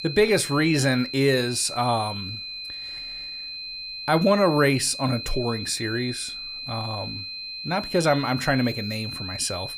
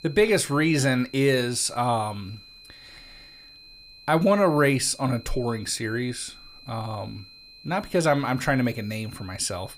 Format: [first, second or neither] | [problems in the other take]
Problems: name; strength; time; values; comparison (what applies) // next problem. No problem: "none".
second | high-pitched whine; loud; throughout; 4 kHz, 8 dB below the speech; faint in the second